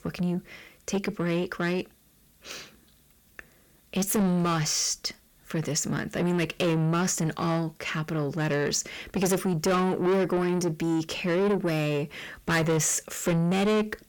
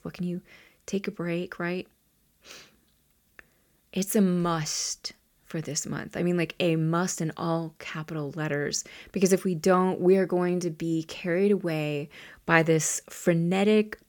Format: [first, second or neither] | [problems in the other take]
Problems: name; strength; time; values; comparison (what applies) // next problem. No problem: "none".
second | distortion; heavy; 7 dB below the speech